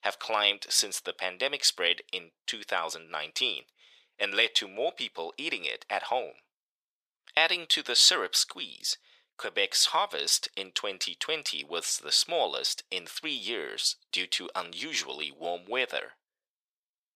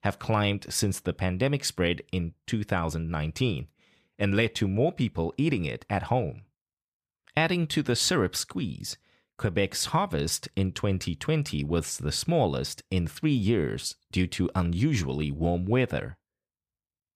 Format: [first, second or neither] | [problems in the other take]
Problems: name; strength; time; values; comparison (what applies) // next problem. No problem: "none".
second | thin; very; fading below 550 Hz